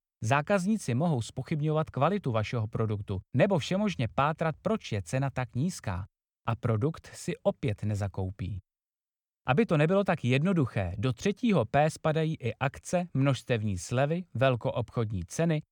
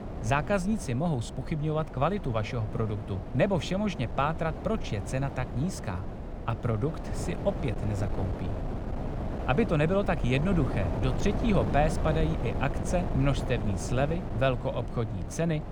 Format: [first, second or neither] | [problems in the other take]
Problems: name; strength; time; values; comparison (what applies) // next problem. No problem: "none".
first | wind noise on the microphone; heavy; 8 dB below the speech